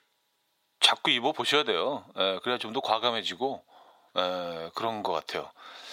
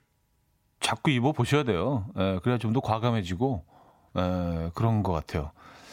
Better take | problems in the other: second | thin; very; fading below 500 Hz

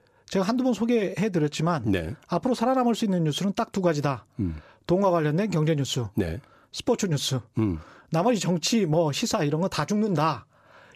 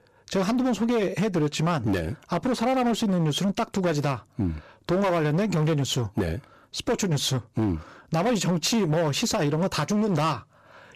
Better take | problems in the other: first | distortion; slight; 17% of the sound clipped

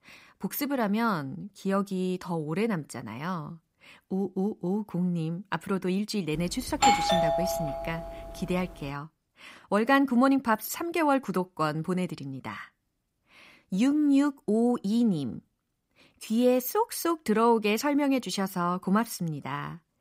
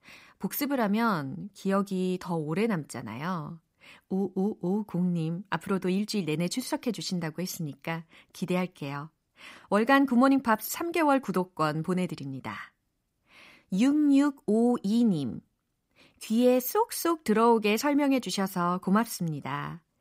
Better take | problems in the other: second | doorbell; loud; from 6.5 to 8 s; peak 6 dB above the speech

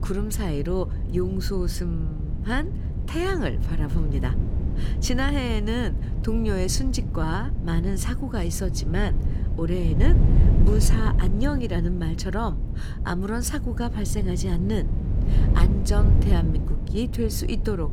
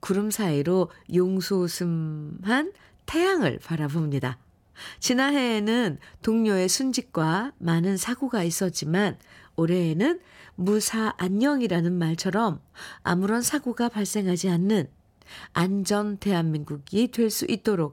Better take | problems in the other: second | wind noise on the microphone; heavy; 8 dB below the speech

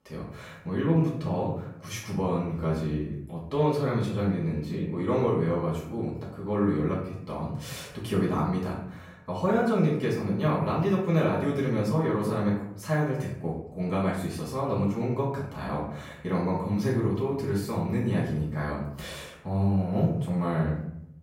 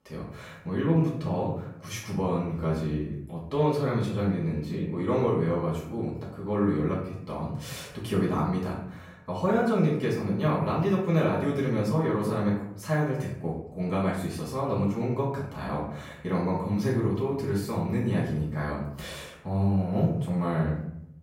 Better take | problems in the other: neither | room echo; noticeable; dies away in 0.6 s; the same in both // off-mic speech; far; the same in both

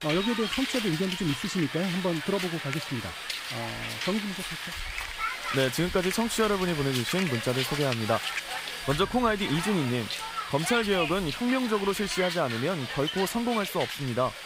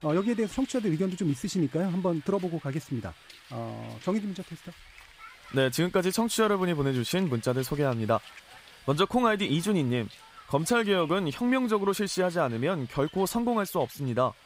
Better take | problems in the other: second | hiss; loud; throughout; 4 dB below the speech; faint in the second

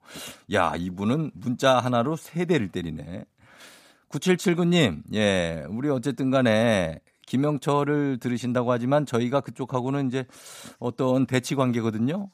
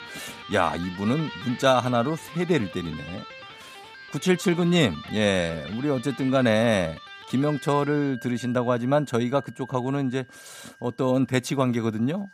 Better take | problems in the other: first | background music; noticeable; throughout; 15 dB below the speech

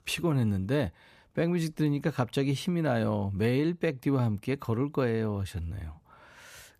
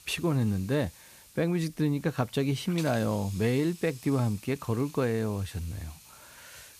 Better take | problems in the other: first | hiss; noticeable; throughout; 20 dB below the speech

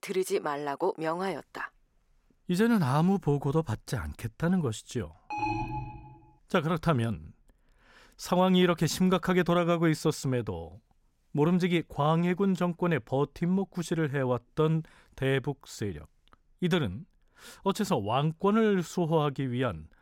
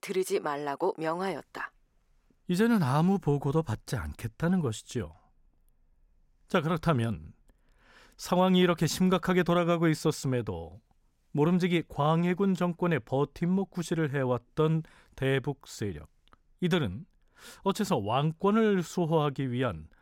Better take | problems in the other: second | alarm; noticeable; at 5.5 s; peak 3 dB below the speech

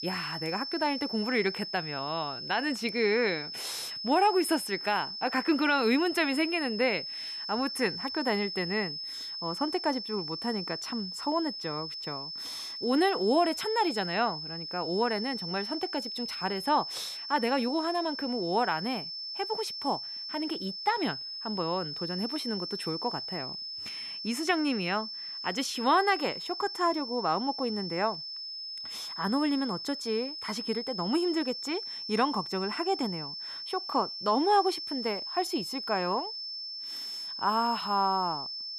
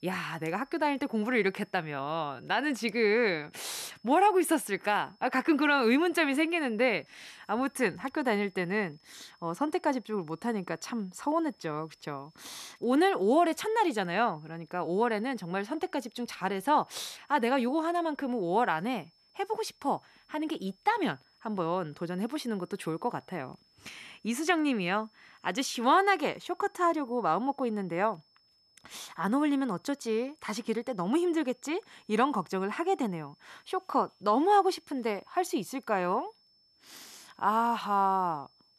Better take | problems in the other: second | high-pitched whine; loud; throughout; 5 kHz, 5 dB below the speech; faint in the second

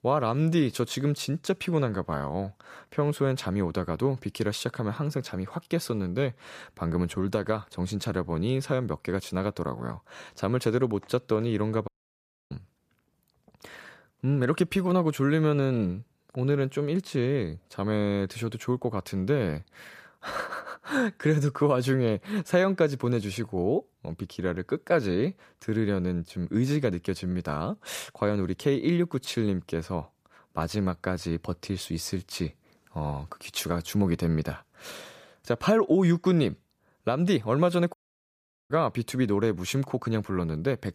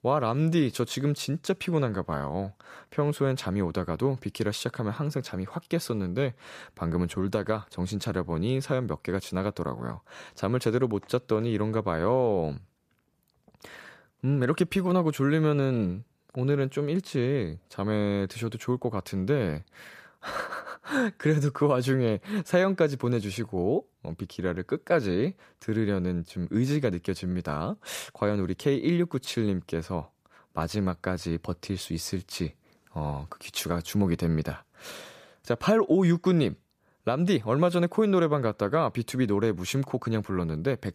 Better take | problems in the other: second | audio cutting out; at 12 s for 0.5 s and at 38 s for 1 s

